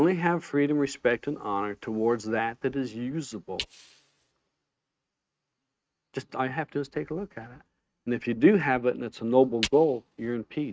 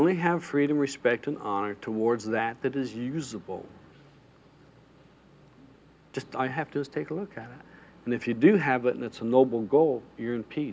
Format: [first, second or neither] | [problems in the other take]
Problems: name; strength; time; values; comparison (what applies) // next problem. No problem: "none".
second | noise reduction (neural mask model RNNoise)